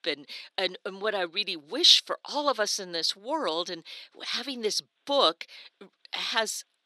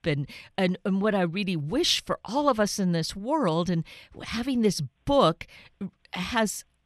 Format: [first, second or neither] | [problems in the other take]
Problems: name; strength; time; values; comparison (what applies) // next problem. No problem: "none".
second | thin; somewhat; fading below 300 Hz